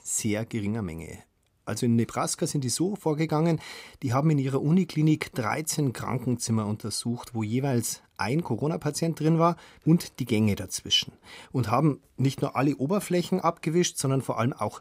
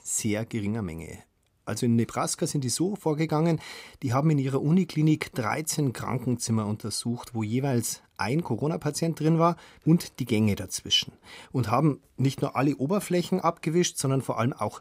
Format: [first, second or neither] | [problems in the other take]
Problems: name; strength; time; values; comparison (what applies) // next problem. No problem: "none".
neither | none